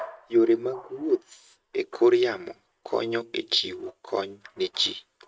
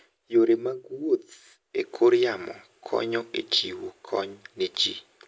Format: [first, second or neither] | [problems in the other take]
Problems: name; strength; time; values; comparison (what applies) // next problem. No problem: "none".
second | noise reduction (neural mask model RNNoise)